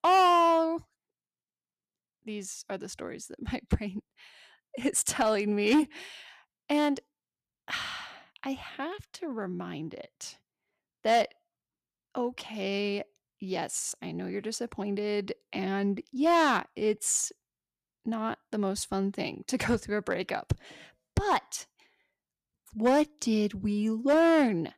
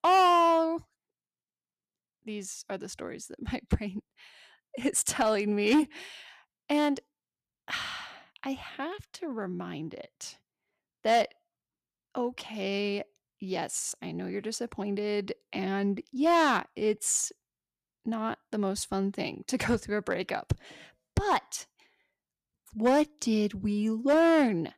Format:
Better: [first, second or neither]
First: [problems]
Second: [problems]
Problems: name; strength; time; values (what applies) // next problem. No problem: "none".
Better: neither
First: distortion; slight; 3% of the sound clipped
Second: distortion; slight; 3% of the sound clipped